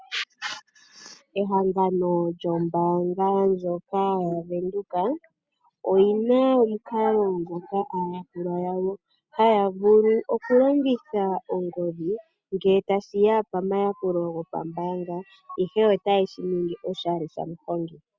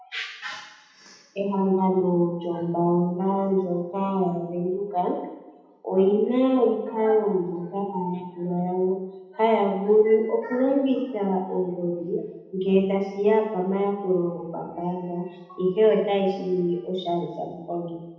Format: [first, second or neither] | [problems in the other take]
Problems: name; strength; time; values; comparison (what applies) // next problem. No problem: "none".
first | room echo; dies away in 0.9 s